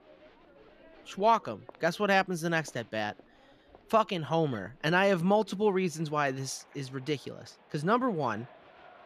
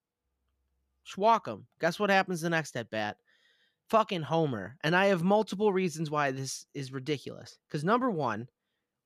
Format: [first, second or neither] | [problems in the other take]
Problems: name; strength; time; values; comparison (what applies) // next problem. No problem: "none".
second | crowd noise; faint; throughout; 25 dB below the speech